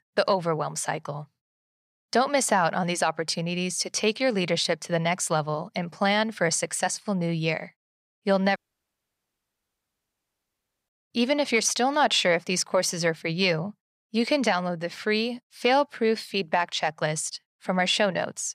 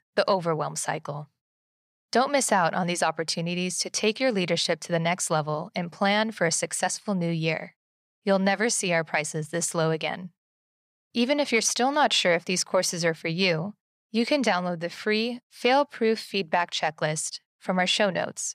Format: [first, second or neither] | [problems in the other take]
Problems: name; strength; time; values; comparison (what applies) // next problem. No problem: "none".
second | audio cutting out; at 8.5 s for 2.5 s